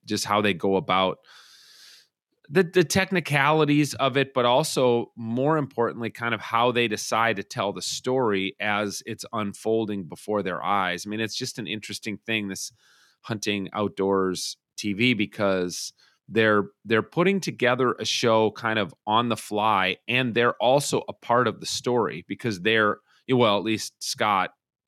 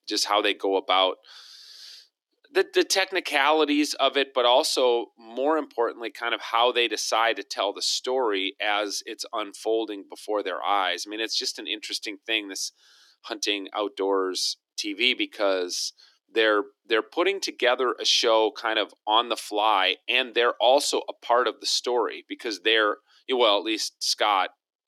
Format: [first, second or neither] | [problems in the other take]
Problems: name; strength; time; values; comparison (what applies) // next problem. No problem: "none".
first | thin; somewhat; fading below 300 Hz